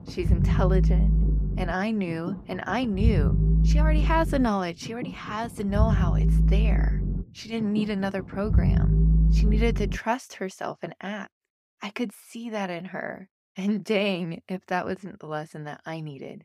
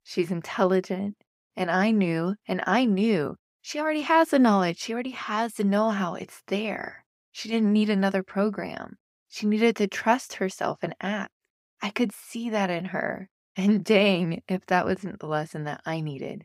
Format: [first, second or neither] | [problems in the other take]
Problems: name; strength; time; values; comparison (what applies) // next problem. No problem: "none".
second | low rumble; loud; until 10 s; 7 dB below the speech